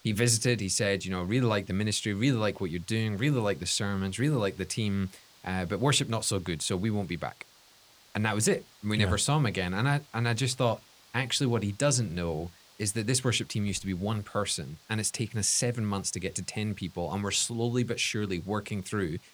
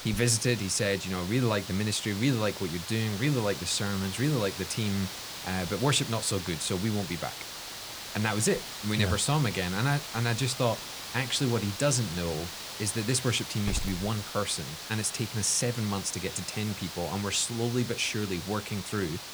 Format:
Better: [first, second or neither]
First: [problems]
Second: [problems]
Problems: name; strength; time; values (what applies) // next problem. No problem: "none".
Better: first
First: hiss; faint; throughout; 25 dB below the speech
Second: hiss; loud; throughout; 8 dB below the speech